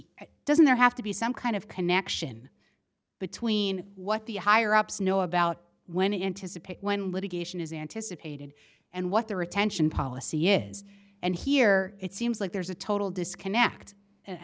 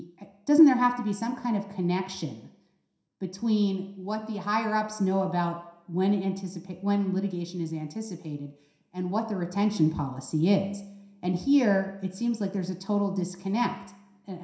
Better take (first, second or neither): first